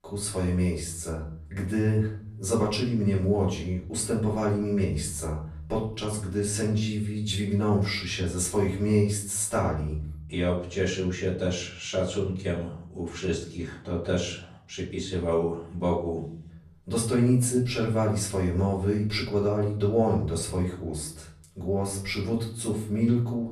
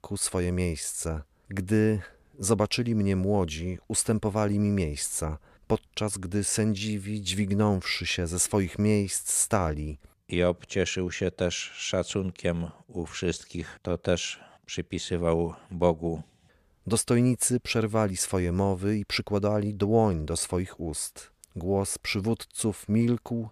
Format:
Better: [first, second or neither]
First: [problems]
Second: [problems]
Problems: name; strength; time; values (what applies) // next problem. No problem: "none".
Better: second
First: off-mic speech; far // room echo; slight; dies away in 0.6 s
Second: none